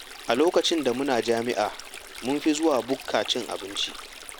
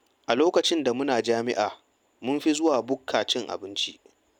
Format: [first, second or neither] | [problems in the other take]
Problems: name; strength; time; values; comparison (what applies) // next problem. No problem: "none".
second | background sound (Stream); 15 dB below the speech